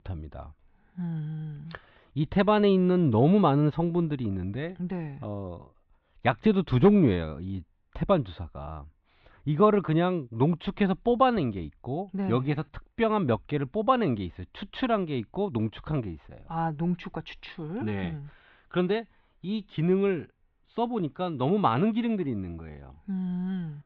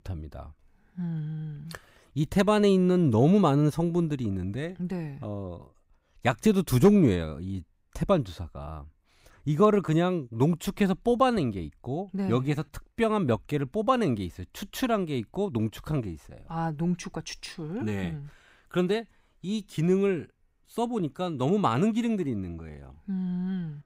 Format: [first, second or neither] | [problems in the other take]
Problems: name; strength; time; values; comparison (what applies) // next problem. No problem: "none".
second | muffled; slightly; fading above 3.5 kHz